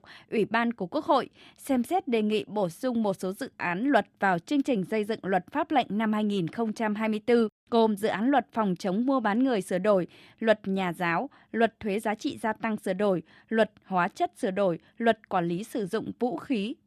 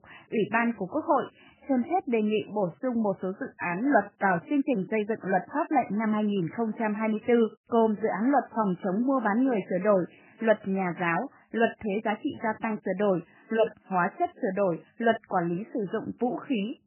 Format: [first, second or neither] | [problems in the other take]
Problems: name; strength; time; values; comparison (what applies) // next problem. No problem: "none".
first | garbled, watery; badly; nothing above 3 kHz